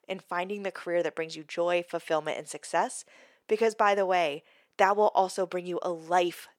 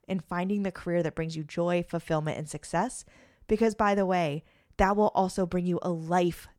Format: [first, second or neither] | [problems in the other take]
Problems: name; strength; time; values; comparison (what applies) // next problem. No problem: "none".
second | thin; somewhat; fading below 450 Hz